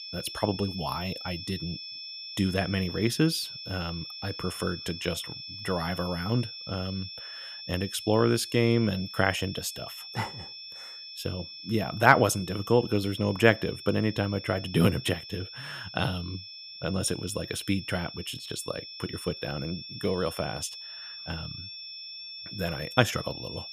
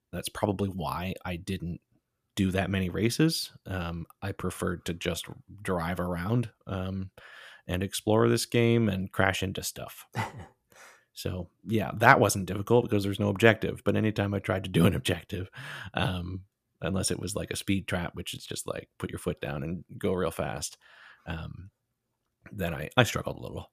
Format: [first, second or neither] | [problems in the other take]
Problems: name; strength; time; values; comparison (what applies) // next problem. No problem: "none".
second | high-pitched whine; loud; throughout; 5.5 kHz, 10 dB below the speech